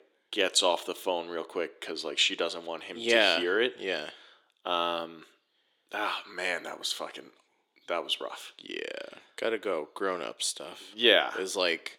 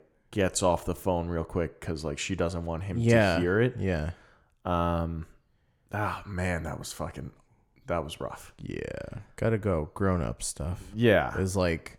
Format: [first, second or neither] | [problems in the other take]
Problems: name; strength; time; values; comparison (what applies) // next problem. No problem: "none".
second | thin; somewhat; fading below 350 Hz